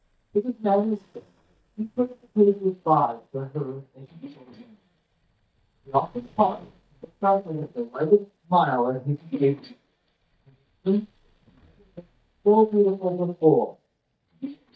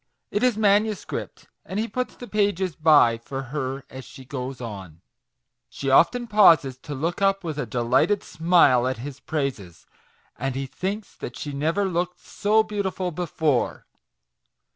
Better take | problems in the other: second | noise reduction (neural mask model DeepFilterNet 3)

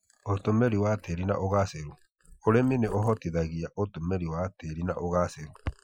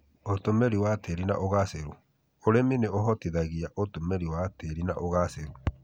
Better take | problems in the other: second | noise reduction (classical method Wiener filter)

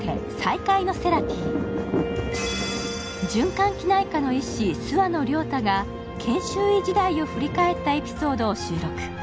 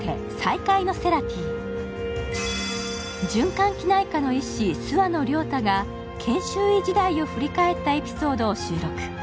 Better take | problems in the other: second | background sound (Thunder); 10 dB below the speech

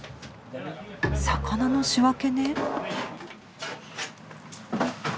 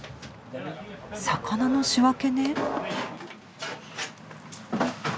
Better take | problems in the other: second | background sound (Bowed string instrument); 6 dB below the speech

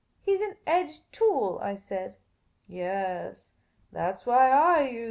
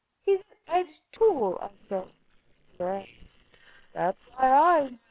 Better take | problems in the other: first | noise reduction (neural separator model SepFormer WHAM!)

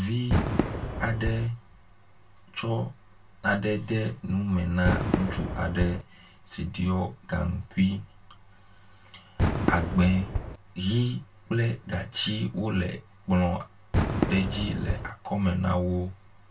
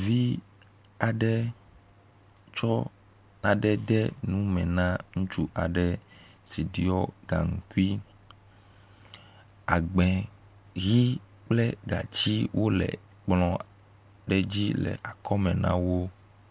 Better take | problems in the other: second | background sound (Fireworks); 4 dB below the speech // room echo; dies away in 0.2 s

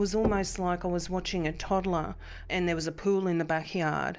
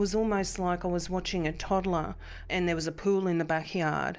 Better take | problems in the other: second | background sound (Knock); 10 dB below the speech

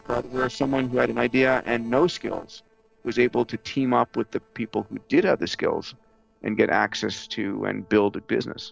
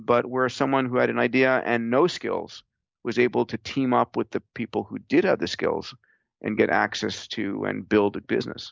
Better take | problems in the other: second | noise reduction (neural separator model SepFormer DNS4)

